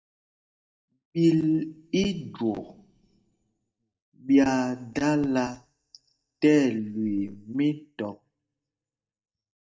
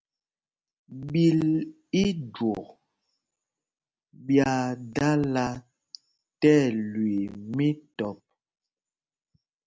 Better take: second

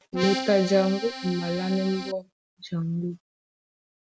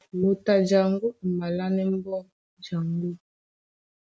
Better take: second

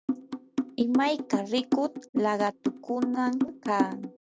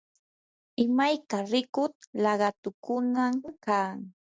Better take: second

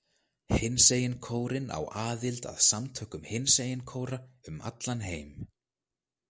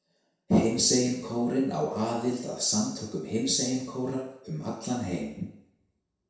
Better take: first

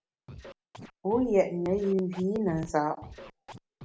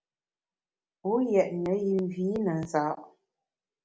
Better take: second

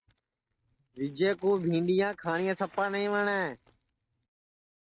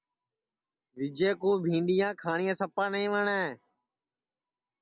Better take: second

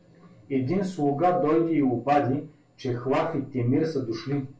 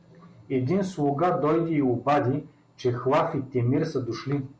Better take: second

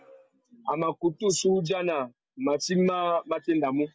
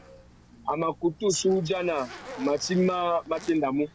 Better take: first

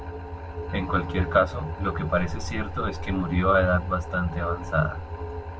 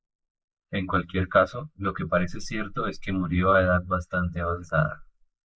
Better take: first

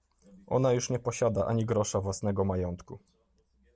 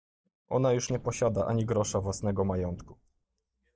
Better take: first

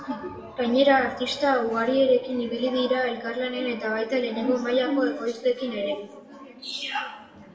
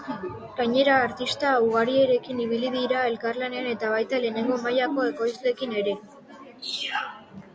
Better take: second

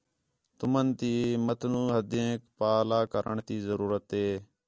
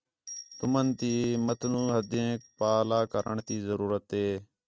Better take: first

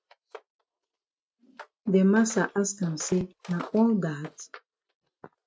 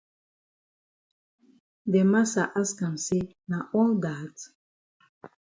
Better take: second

